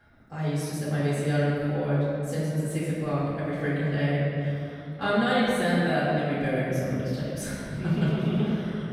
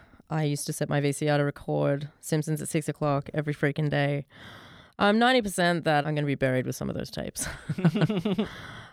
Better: second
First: off-mic speech; far // room echo; strong; dies away in 2.8 s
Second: none

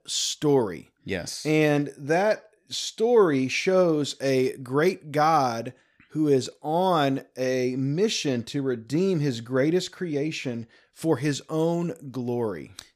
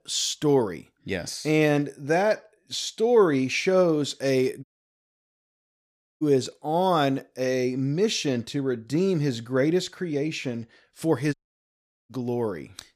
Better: first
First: none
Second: audio cutting out; at 4.5 s for 1.5 s and at 11 s for 1 s

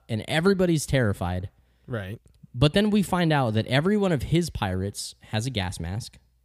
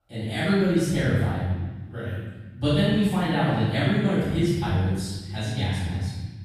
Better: first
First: none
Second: off-mic speech; far // room echo; strong; dies away in 1.3 s

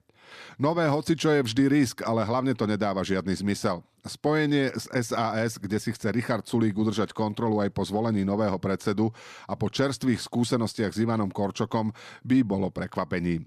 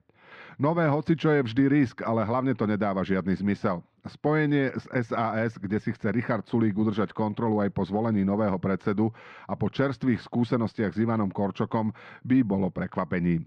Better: first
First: none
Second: muffled; slightly; fading above 2 kHz

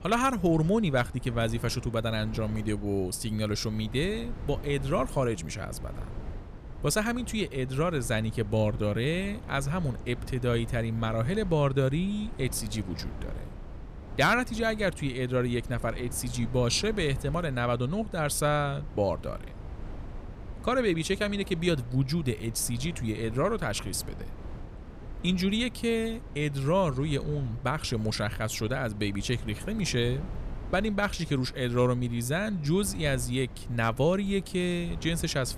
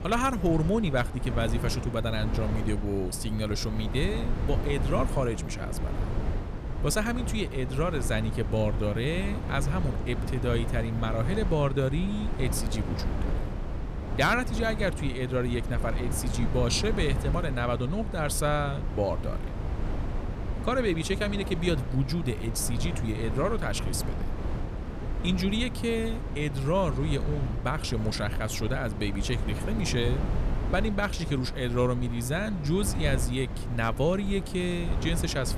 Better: first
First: wind noise on the microphone; occasional gusts; 20 dB below the speech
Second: wind noise on the microphone; heavy; 9 dB below the speech

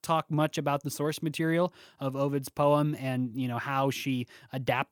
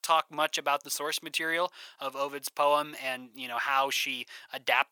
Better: first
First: none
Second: thin; very; fading below 800 Hz

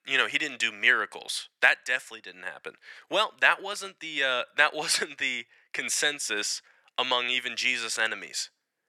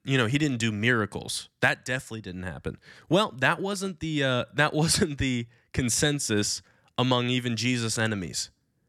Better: second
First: thin; very; fading below 600 Hz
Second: none

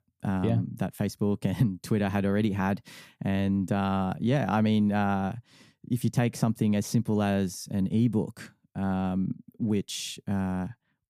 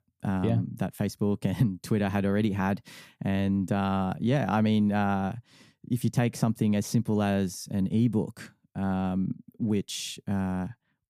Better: neither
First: none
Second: none

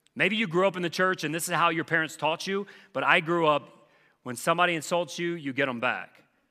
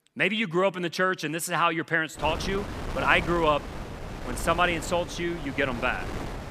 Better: first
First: none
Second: wind noise on the microphone; occasional gusts; from 2 s on; 15 dB below the speech

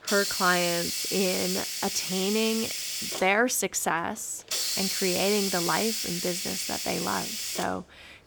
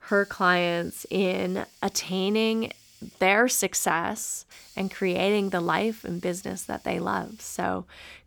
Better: second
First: hiss; loud; throughout; as loud as the speech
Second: hiss; faint; throughout; 25 dB below the speech

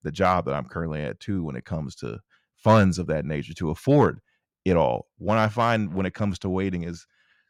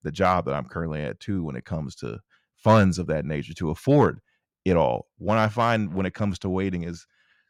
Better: neither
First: none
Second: none

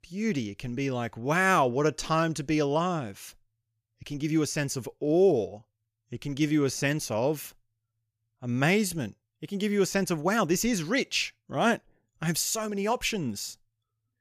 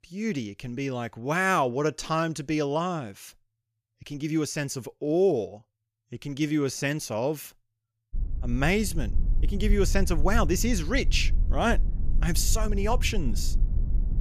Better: first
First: none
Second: low rumble; noticeable; from 8 s on; 20 dB below the speech

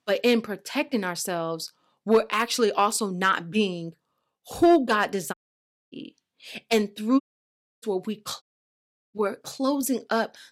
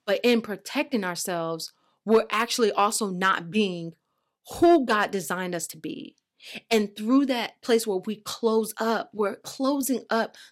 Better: second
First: audio cutting out; at 5.5 s for 0.5 s, at 7 s for 0.5 s and at 8.5 s for 0.5 s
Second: none

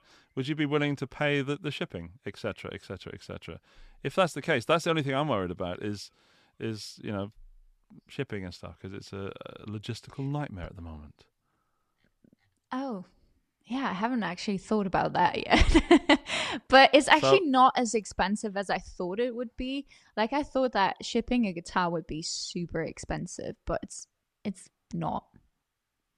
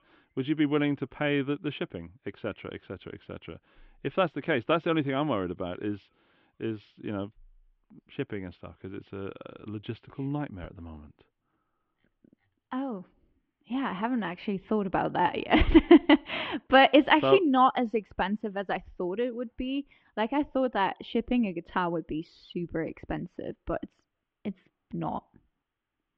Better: first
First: none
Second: muffled; very; fading above 3 kHz

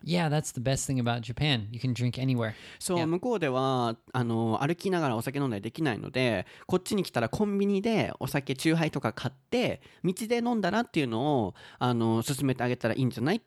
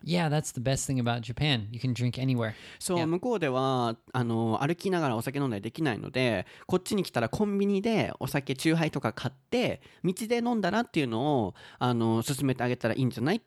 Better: neither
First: none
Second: none

